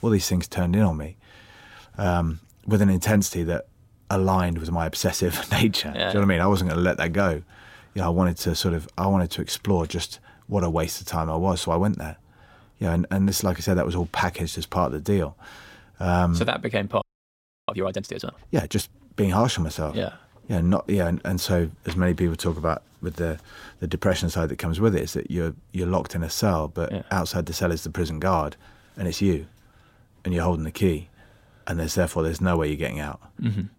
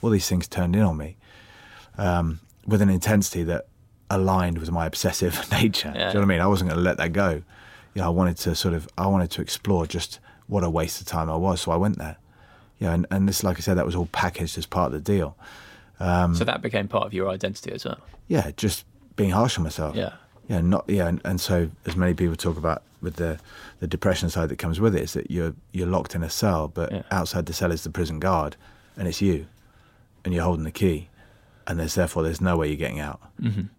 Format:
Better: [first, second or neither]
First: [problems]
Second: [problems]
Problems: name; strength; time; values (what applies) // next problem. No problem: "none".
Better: second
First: audio freezing; at 17 s for 0.5 s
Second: none